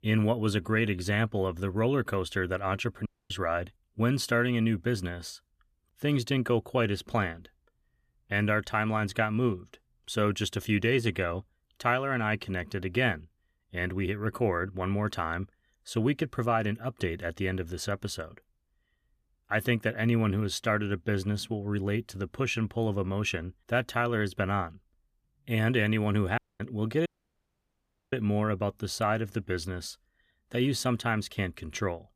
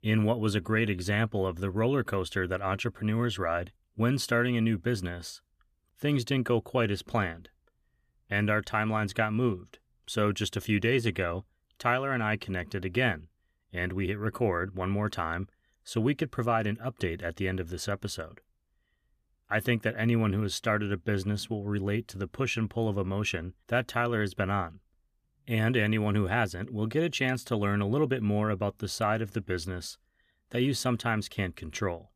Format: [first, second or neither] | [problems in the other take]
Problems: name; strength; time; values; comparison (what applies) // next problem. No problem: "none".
second | audio cutting out; at 3 s, at 26 s and at 27 s for 1 s